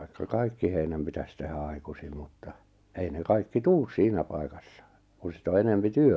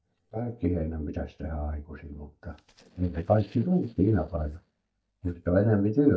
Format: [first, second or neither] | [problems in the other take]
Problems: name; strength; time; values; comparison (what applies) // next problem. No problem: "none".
first | noise reduction (neural mask model DeepFilterNet 3)